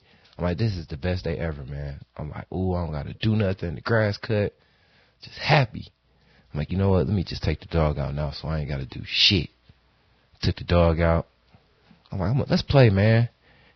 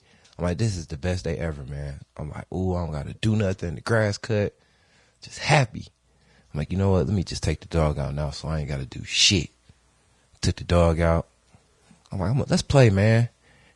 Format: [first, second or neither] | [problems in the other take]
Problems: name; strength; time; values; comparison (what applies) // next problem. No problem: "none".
second | garbled, watery; badly; nothing above 5.5 kHz; slightly in the second